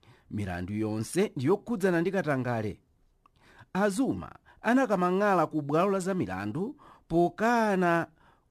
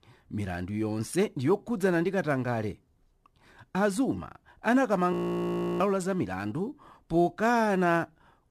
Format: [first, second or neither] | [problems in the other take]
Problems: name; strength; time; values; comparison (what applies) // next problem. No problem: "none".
first | audio freezing; at 5 s for 0.5 s